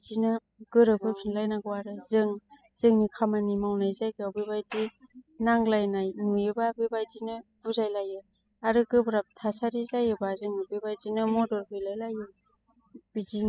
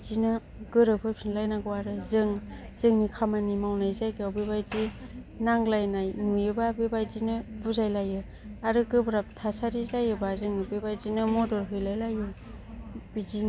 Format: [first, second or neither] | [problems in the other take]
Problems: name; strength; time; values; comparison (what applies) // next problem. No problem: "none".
second | noise reduction (classical method spectral subtraction)